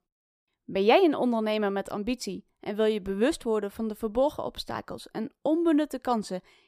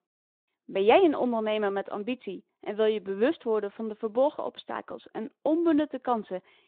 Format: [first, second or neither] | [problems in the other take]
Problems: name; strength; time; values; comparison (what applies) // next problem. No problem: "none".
first | phone-call audio